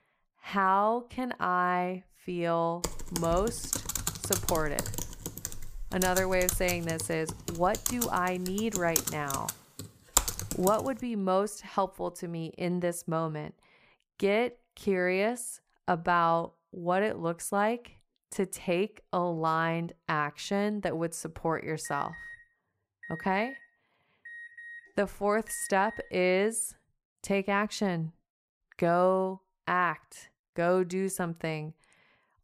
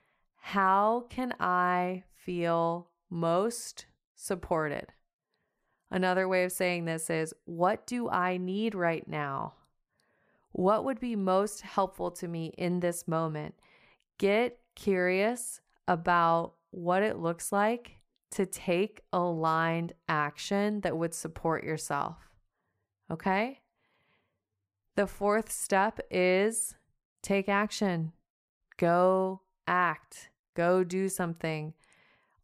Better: second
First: keyboard typing; loud; from 3 to 11 s; peak 3 dB above the speech // alarm; faint; from 22 to 26 s; peak 15 dB below the speech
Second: none

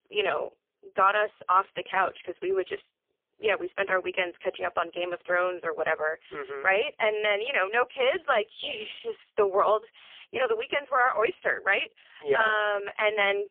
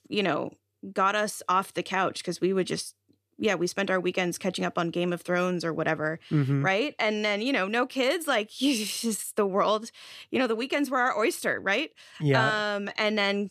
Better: second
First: phone-call audio; poor line; nothing above 3 kHz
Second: none

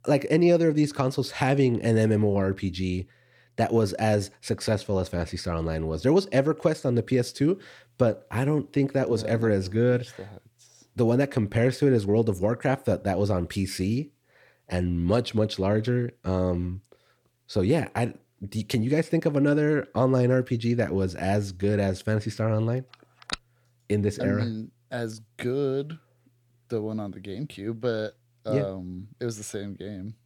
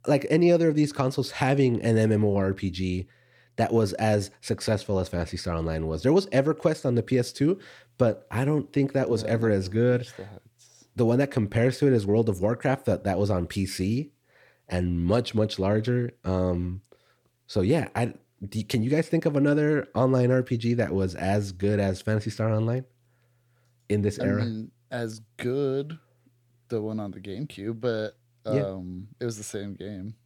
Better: second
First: phone ringing; very faint; at 23 s; peak 9 dB below the speech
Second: none

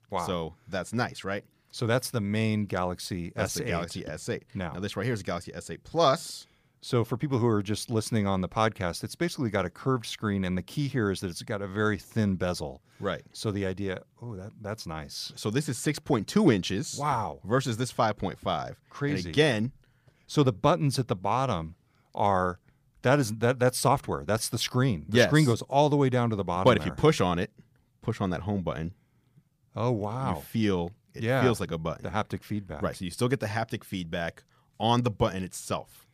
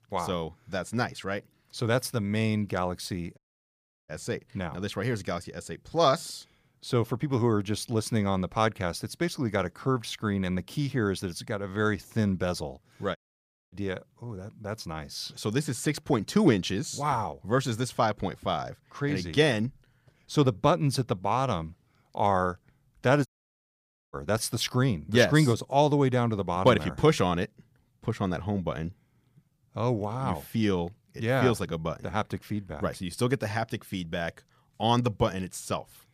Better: first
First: none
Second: audio cutting out; at 3.5 s for 0.5 s, at 13 s for 0.5 s and at 23 s for 1 s

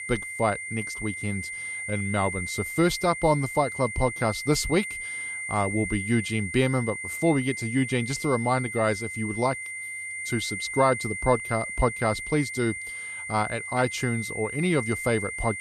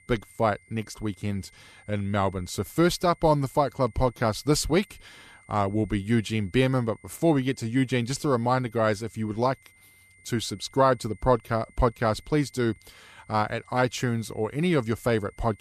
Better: second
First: high-pitched whine; loud; throughout; 2 kHz, 6 dB below the speech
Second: high-pitched whine; faint; throughout; 2 kHz, 30 dB below the speech

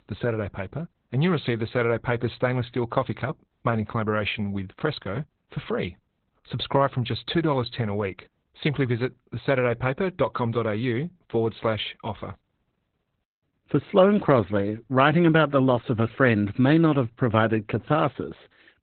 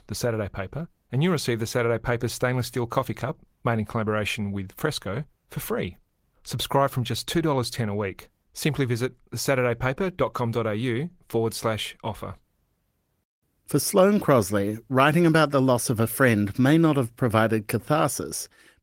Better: second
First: garbled, watery; badly; nothing above 4 kHz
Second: garbled, watery; slightly; nothing above 16 kHz

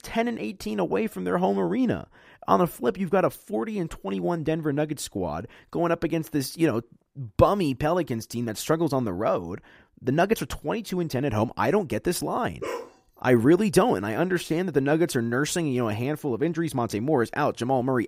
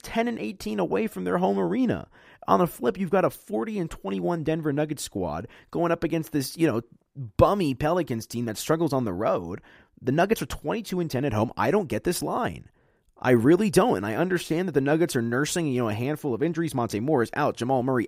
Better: second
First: dog barking; noticeable; at 13 s; peak 8 dB below the speech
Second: none

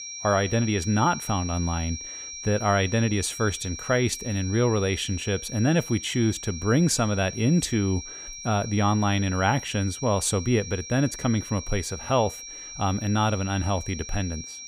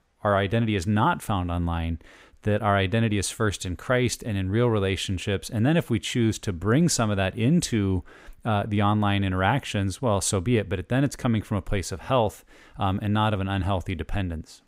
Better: second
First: high-pitched whine; noticeable; throughout; 5.5 kHz, 10 dB below the speech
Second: none

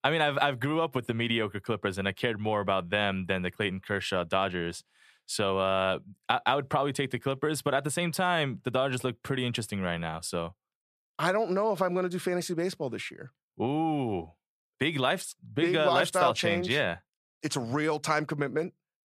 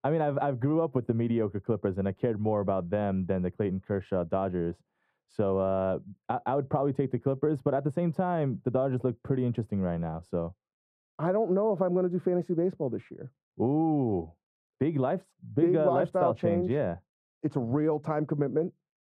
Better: first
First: none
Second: muffled; very; fading above 1.5 kHz

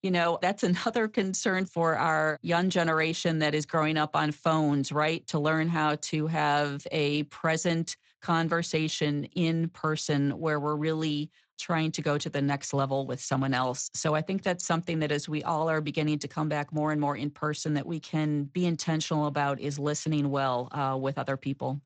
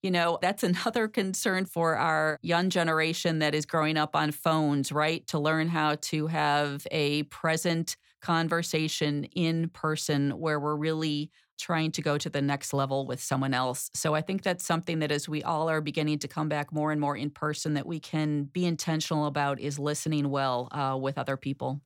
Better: second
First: garbled, watery; slightly; nothing above 7.5 kHz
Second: none

